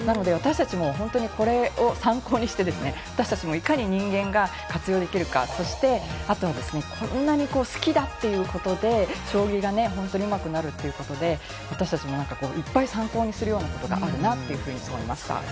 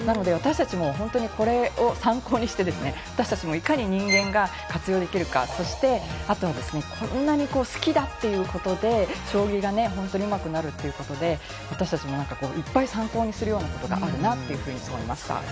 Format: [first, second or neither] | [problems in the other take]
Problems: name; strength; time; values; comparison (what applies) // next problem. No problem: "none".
first | background sound (Bowed string instrument); 5 dB below the speech